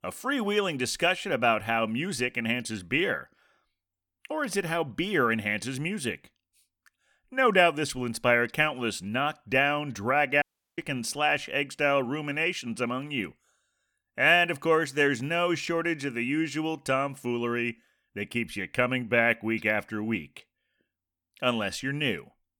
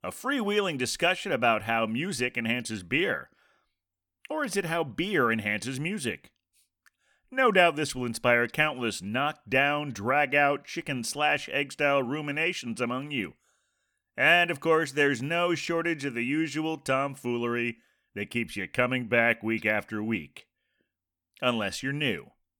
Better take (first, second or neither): second